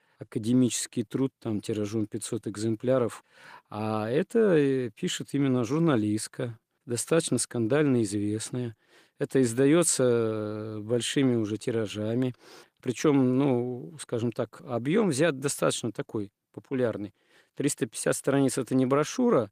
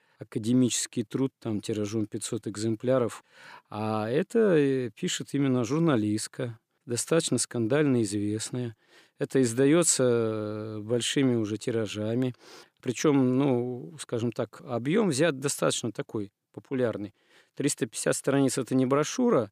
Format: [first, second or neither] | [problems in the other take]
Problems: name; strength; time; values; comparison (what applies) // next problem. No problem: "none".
second | garbled, watery; slightly; nothing above 15 kHz